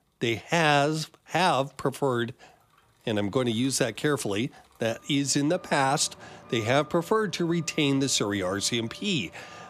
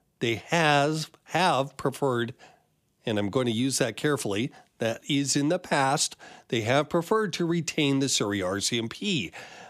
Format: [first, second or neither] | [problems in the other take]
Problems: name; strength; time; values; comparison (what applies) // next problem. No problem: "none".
second | traffic noise; faint; throughout; 25 dB below the speech